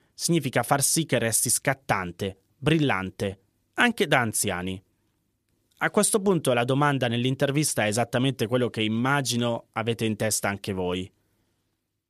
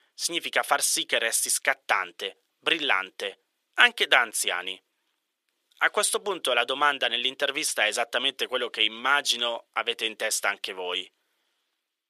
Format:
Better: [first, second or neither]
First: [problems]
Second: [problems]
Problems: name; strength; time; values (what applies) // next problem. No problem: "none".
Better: first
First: none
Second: thin; very; fading below 450 Hz